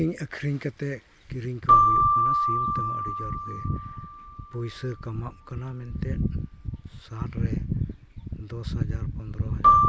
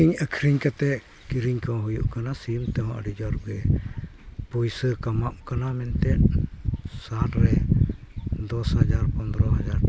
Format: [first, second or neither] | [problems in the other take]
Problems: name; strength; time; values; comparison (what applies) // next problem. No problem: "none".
second | background sound (Keyboard (musical)); 4 dB above the speech